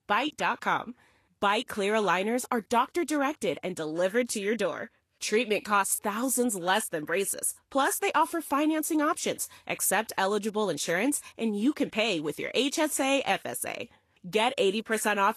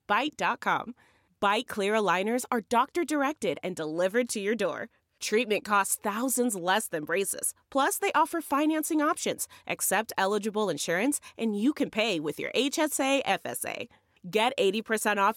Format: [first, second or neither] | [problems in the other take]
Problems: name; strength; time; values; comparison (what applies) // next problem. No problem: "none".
second | garbled, watery; slightly; nothing above 12.5 kHz